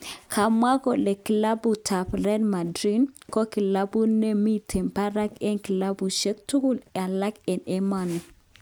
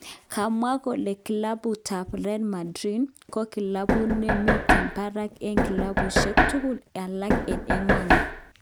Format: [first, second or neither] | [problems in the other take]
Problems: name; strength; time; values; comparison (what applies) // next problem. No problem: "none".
first | background sound (Knock); 4 dB above the speech